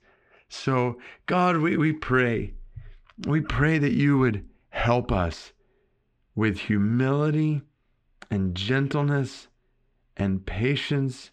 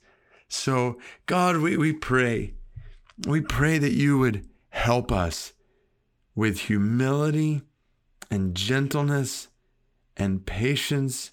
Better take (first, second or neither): second